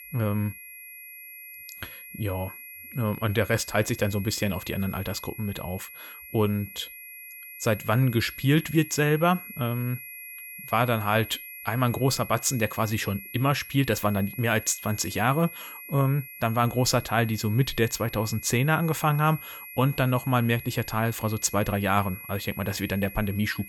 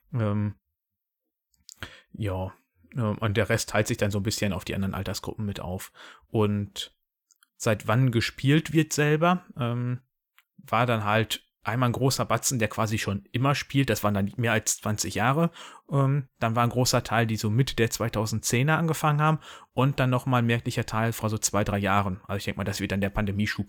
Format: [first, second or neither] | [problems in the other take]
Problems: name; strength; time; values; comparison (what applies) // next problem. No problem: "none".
second | high-pitched whine; noticeable; throughout; 2.5 kHz, 15 dB below the speech